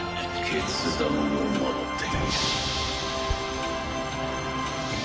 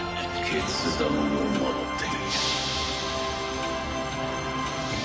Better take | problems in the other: second | background sound (Fireworks); 11 dB below the speech

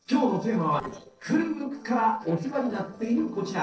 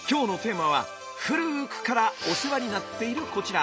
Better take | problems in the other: second | noise reduction (neural separator model SepFormer DNS4)

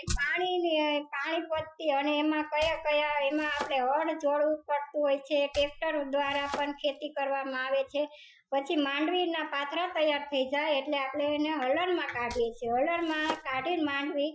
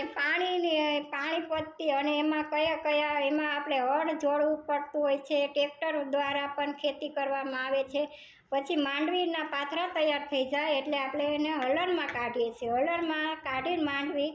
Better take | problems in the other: second | noise reduction (classical method Wiener filter)

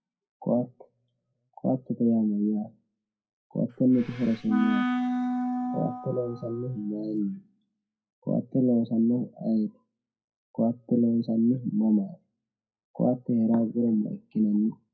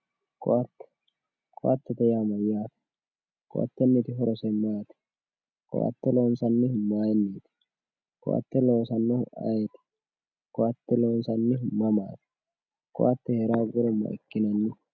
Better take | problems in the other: second | noise reduction (classical method WPE with log-MMSE)

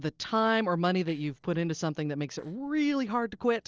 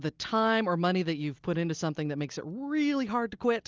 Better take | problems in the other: second | noise reduction (neural separator model SepFormer DNS4)

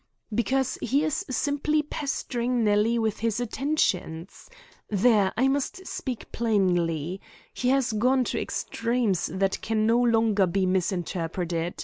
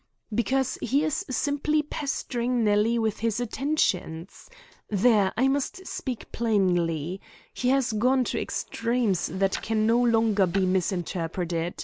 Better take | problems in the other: first | background sound (Tick-tock); 19 dB below the speech

